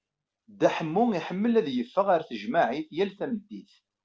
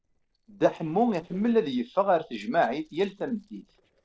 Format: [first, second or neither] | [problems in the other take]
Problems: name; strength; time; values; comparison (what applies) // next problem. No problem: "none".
first | noise reduction (neural separator model SepFormer DNS4)